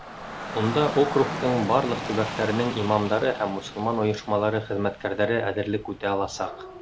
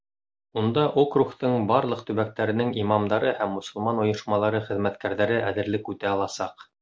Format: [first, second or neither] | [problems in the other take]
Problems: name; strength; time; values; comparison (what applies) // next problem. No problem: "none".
second | background sound (Rain / Dog); 10 dB below the speech